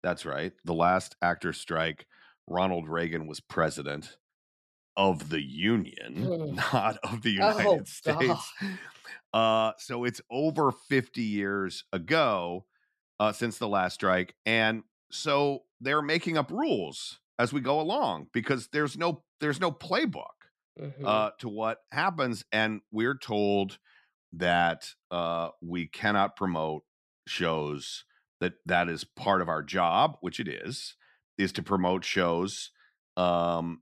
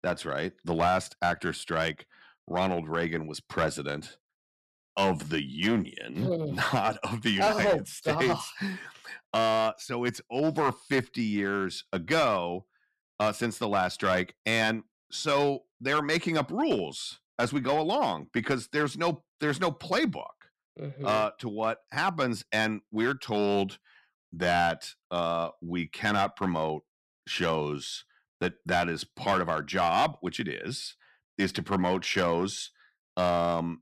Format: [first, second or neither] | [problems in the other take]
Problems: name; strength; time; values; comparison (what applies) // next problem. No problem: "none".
first | distortion; slight; 4% of the sound clipped